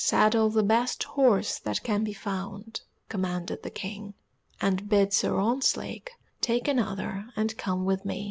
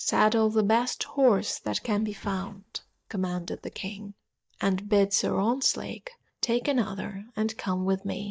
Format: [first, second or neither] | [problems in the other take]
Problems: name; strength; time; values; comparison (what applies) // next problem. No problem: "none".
first | noise reduction (neural mask model DeepFilterNet 3)